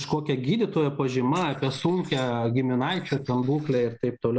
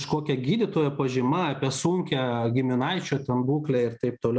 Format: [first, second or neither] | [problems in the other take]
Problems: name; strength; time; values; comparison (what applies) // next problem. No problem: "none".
second | noise reduction (neural mask model Resemble Enhance denoiser)